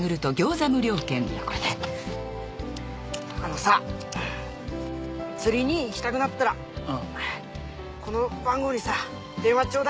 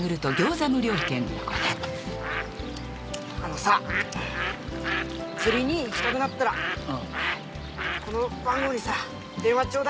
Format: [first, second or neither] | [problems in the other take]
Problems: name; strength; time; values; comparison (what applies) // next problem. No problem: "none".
first | background sound (Bird); 6 dB below the speech